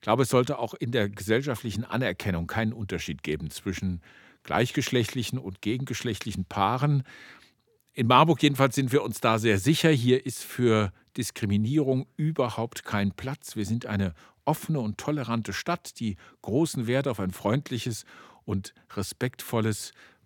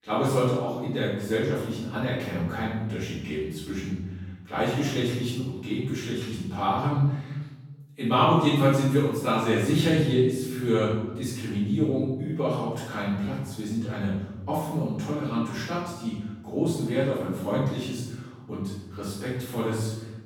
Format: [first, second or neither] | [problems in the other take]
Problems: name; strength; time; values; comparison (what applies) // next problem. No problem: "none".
first | off-mic speech; far // room echo; strong; dies away in 1 s